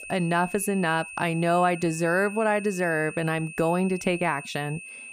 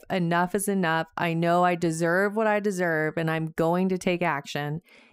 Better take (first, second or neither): second